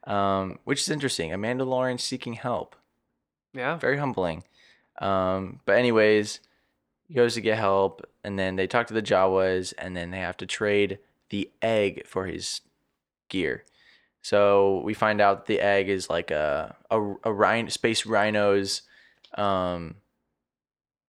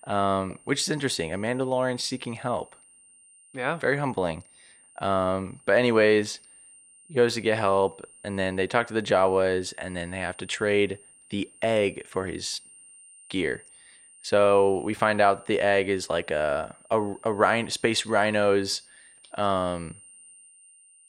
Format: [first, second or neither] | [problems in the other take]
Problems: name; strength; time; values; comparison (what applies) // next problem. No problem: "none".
first | high-pitched whine; faint; throughout; 9 kHz, 25 dB below the speech